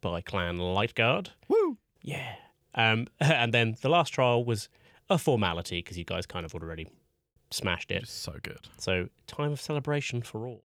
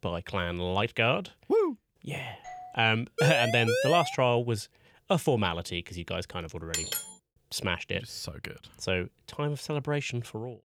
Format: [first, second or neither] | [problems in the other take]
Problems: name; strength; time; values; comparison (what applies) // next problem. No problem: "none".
first | doorbell; faint; at 2.5 s; peak 15 dB below the speech // siren; loud; at 3 s; peak 1 dB above the speech // clattering dishes; noticeable; at 6.5 s; peak 1 dB below the speech